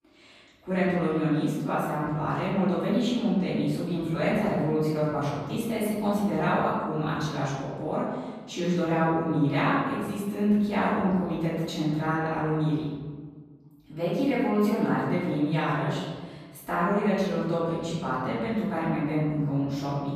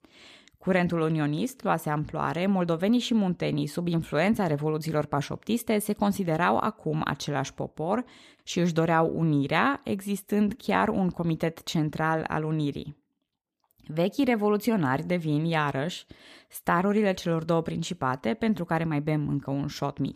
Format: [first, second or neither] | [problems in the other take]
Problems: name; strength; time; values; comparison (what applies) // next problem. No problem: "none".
second | off-mic speech; far // room echo; strong; dies away in 1.3 s